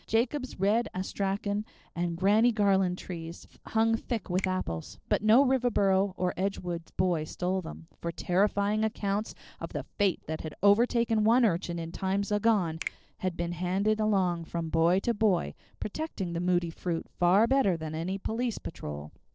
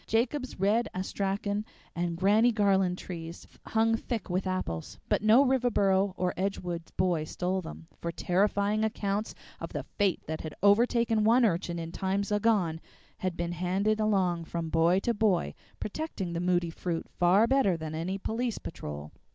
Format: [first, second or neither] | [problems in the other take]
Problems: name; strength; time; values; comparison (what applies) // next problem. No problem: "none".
second | noise reduction (neural separator model SepFormer DNS4)